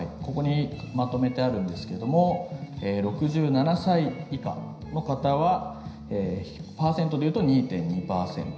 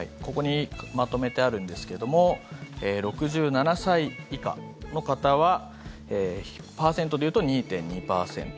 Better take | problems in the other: second | room echo; dies away in 0.9 s

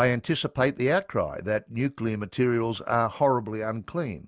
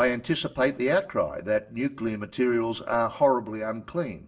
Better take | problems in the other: first | room echo; dies away in 0.4 s

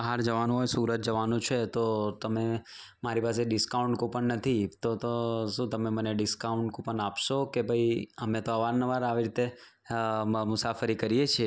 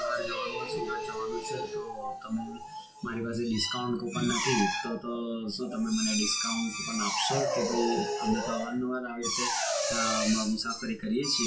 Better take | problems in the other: first | noise reduction (classical method WPE with log-MMSE)

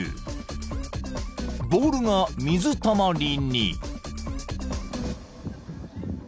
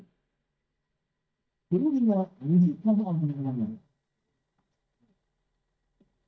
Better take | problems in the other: first | noise reduction (neural mask model DeepFilterNet 3)

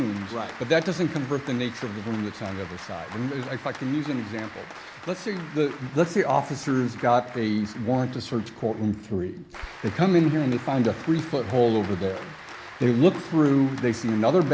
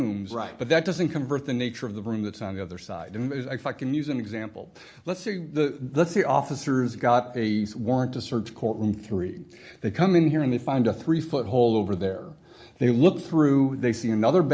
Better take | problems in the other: second | background sound (Applause); 16 dB below the speech

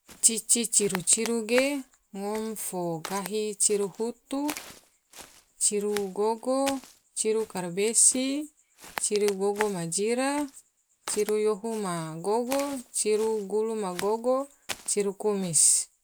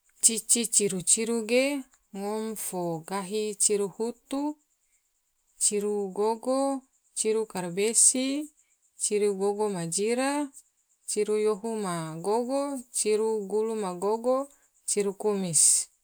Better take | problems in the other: second | background sound (Walk, footsteps); 16 dB below the speech

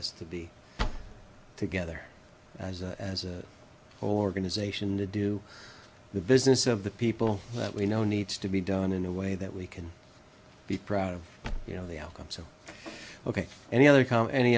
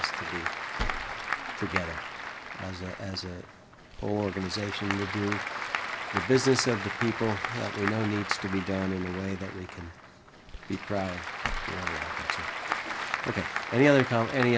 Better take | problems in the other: first | background sound (Applause / Crowd); 4 dB below the speech

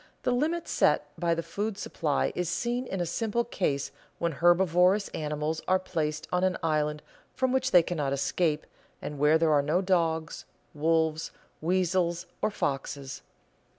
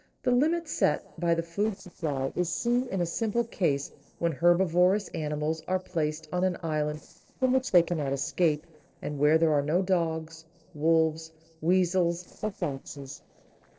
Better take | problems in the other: first | noise reduction (neural separator model SepFormer DNS4)

